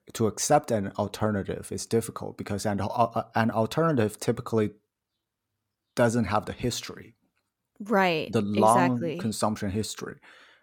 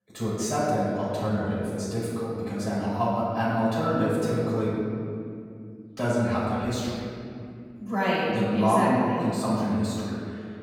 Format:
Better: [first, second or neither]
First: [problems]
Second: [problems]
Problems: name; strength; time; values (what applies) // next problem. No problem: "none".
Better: first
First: none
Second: off-mic speech; far // room echo; strong; dies away in 2.5 s